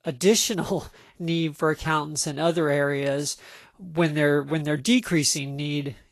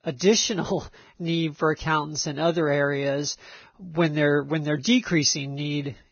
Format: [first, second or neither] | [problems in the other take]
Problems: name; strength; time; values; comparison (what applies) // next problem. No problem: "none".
first | garbled, watery; badly; nothing above 6.5 kHz; slightly in the first